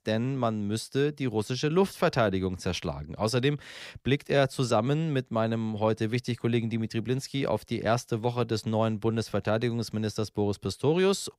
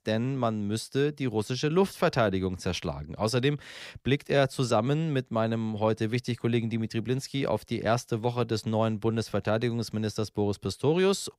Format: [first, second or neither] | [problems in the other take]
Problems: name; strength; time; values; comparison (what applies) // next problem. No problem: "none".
neither | none